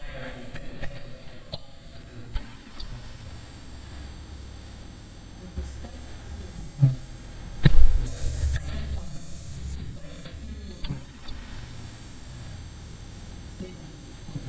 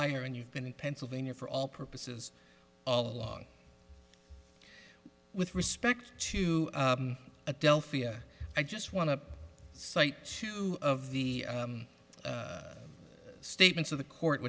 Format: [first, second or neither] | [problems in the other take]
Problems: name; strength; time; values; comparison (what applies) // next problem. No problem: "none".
second | noise reduction (neural mask model DeepFilterNet 3)